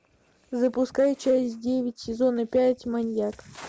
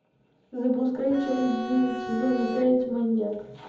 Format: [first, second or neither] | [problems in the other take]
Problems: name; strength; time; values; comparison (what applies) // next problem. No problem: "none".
first | background sound (Bowed string instrument); 9 dB below the speech // room echo; dies away in 1 s